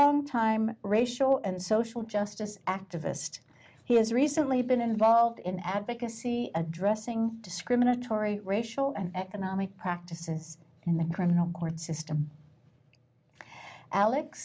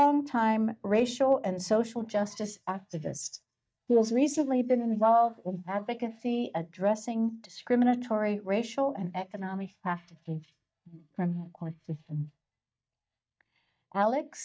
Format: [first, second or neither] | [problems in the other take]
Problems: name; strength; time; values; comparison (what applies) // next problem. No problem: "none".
first | noise reduction (neural mask model DeepFilterNet 3)